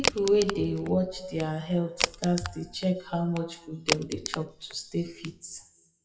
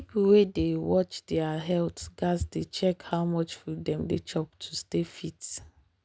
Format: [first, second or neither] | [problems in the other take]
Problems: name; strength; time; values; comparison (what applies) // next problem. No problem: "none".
second | noise reduction (classical method WPE with log-MMSE)